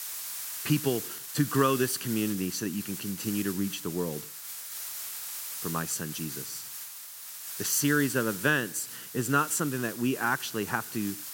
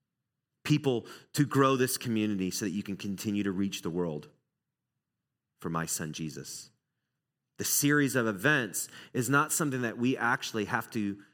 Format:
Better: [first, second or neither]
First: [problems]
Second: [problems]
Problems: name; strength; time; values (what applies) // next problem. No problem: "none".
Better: second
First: hiss; loud; throughout; 7 dB below the speech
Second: none